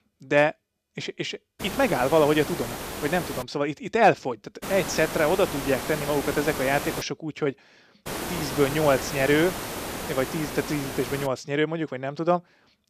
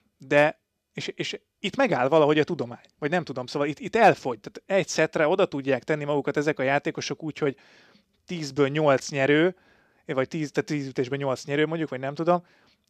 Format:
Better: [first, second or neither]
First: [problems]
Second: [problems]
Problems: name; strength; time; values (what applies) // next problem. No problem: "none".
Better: second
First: hiss; loud; from 1.5 to 3.5 s, from 4.5 to 7 s and from 8 to 11 s; 7 dB below the speech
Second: none